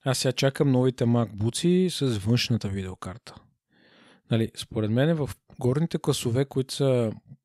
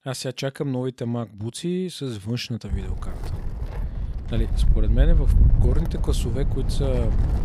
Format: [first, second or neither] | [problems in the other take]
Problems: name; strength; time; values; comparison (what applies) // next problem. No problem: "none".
first | wind noise on the microphone; heavy; from 2.5 s on; 7 dB below the speech